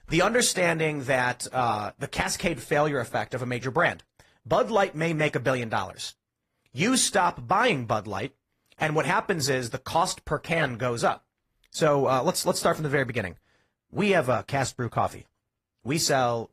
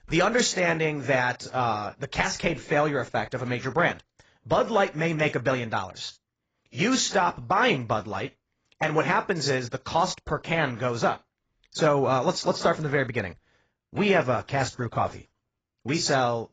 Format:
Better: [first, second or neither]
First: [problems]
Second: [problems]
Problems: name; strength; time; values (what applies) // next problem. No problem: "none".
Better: first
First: garbled, watery; slightly; nothing above 14.5 kHz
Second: garbled, watery; badly; nothing above 7.5 kHz